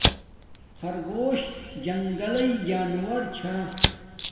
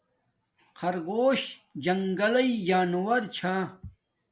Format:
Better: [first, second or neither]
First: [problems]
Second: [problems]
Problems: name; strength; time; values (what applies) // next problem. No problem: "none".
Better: second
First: background sound (Fire); 3 dB below the speech // room echo; dies away in 2 s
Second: none